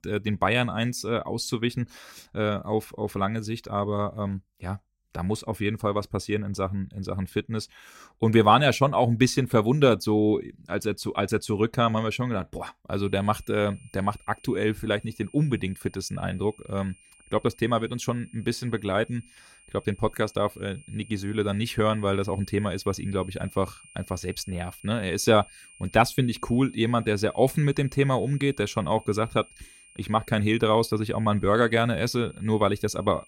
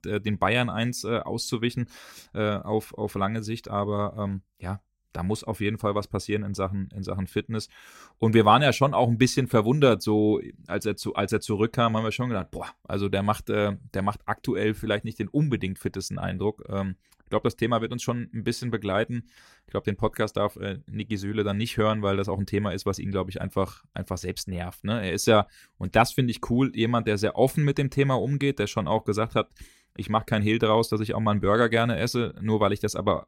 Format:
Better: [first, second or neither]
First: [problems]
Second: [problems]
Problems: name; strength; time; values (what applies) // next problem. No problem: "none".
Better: second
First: high-pitched whine; faint; from 13 s on; 2.5 kHz, 25 dB below the speech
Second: none